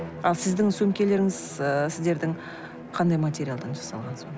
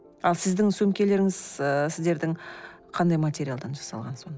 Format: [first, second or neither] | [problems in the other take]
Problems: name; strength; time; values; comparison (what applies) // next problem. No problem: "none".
second | background sound (Bowed string instrument); 13 dB below the speech